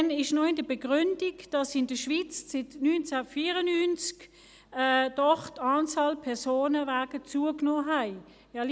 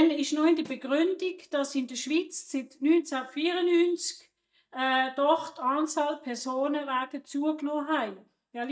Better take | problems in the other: first | noise reduction (neural mask model DeepFilterNet 3)

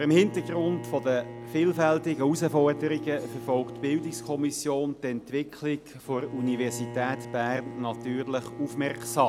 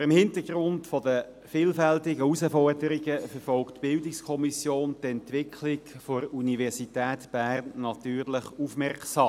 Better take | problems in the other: second | background sound (Bowed string instrument); 13 dB below the speech

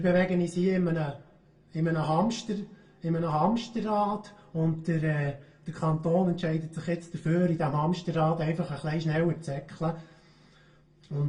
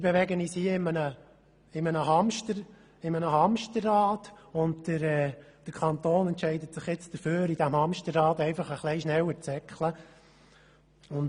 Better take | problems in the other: second | room echo; dies away in 0.2 s

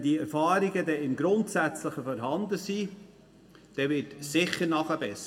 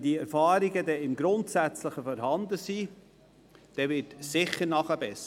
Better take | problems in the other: second | room echo; dies away in 1 s

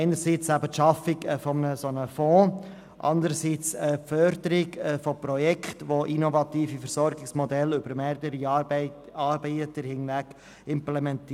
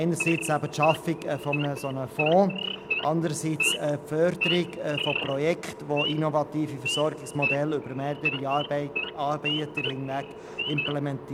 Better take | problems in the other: first | background sound (Idling / Wild animals); 5 dB below the speech

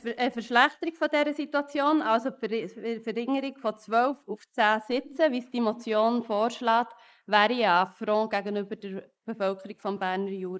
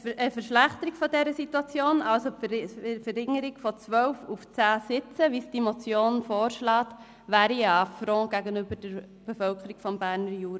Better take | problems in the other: second | noise reduction (neural mask model Resemble Enhance denoiser)

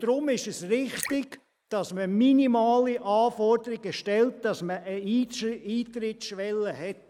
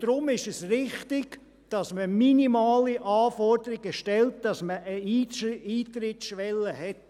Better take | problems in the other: second | noise reduction (neural mask model Resemble Enhance denoiser)

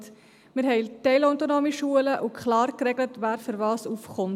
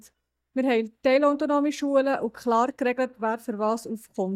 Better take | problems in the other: first | noise reduction (neural mask model DeepFilterNet 3)

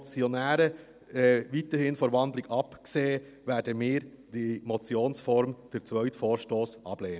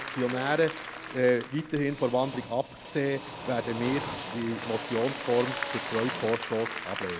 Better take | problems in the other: first | background sound (Drill + Applause / Crowd); 8 dB below the speech

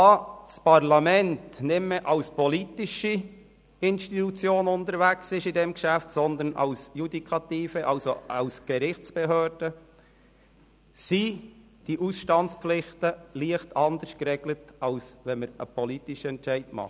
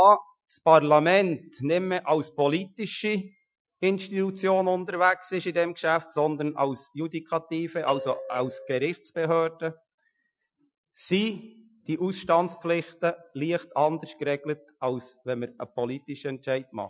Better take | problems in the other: first | noise reduction (classical method Wiener filter)

